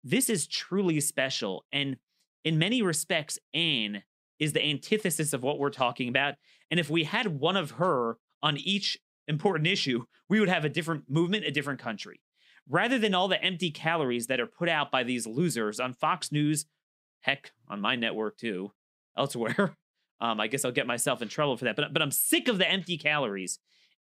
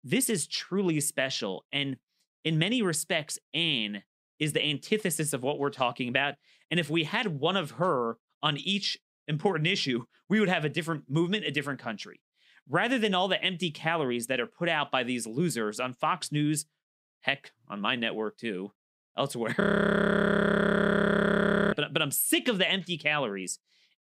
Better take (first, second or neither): first